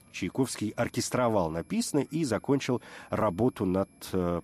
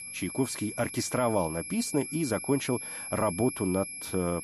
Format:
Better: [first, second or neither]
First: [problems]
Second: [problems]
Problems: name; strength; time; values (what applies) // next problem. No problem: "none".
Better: first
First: high-pitched whine; faint; throughout; 11 kHz, 35 dB below the speech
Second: high-pitched whine; loud; throughout; 11 kHz, 7 dB below the speech